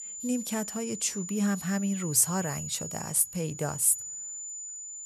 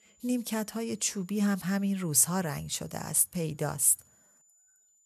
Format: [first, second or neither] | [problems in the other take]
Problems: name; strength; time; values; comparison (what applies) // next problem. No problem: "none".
second | high-pitched whine; loud; throughout; 7 kHz, 9 dB below the speech; faint in the second